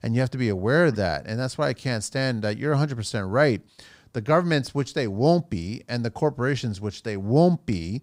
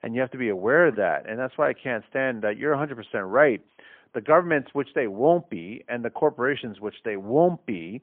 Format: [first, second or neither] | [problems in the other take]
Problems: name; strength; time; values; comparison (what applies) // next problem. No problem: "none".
first | phone-call audio; poor line; nothing above 3.5 kHz